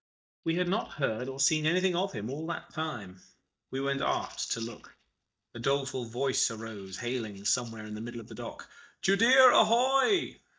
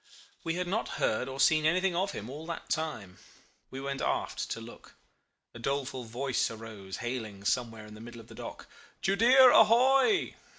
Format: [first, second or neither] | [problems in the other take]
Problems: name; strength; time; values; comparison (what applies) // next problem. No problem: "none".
second | noise reduction (neural mask model DeepFilterNet 3)